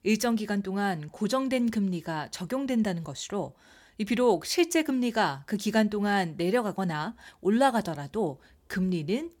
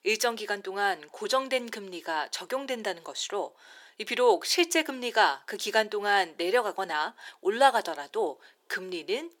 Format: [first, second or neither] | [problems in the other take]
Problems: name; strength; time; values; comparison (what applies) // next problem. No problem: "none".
first | thin; very; fading below 400 Hz